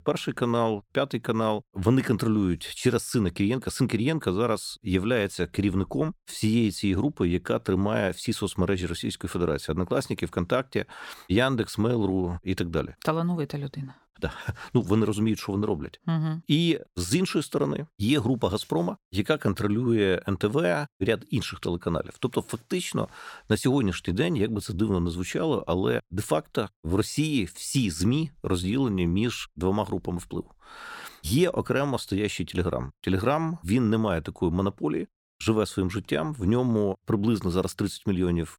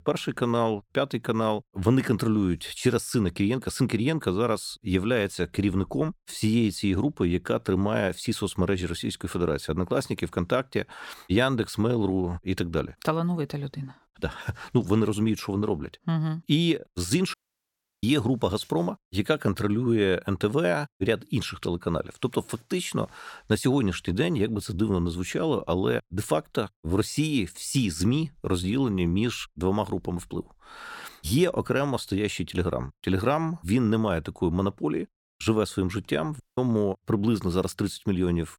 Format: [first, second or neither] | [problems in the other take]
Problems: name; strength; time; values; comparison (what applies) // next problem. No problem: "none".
first | audio cutting out; at 17 s for 0.5 s and at 36 s